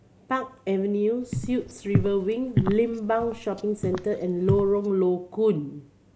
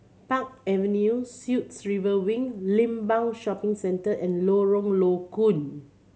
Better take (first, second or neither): second